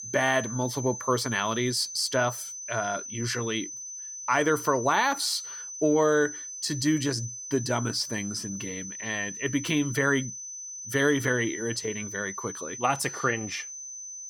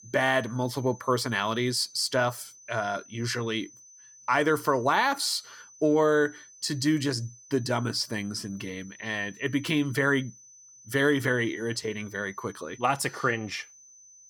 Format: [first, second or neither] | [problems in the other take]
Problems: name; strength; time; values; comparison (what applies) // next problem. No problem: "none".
second | high-pitched whine; loud; throughout; 6 kHz, 9 dB below the speech; faint in the second